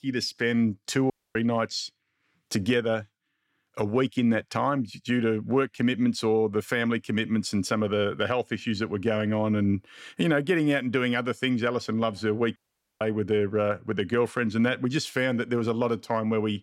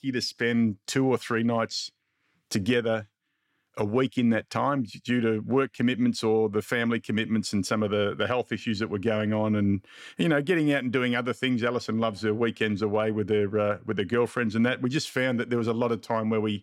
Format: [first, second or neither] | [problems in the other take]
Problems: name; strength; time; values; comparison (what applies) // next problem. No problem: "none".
second | audio cutting out; at 1 s and at 13 s